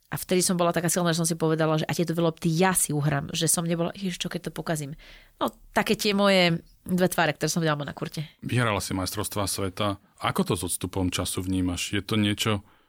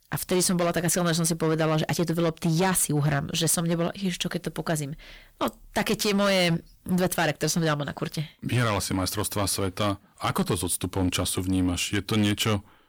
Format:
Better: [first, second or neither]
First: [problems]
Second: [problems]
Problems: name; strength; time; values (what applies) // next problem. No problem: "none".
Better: first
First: none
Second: distortion; slight; 9% of the sound clipped